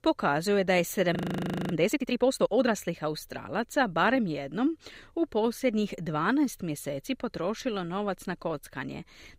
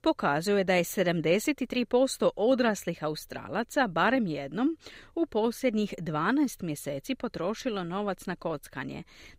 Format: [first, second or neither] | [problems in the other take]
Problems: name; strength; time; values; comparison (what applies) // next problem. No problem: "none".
second | audio freezing; at 1 s for 0.5 s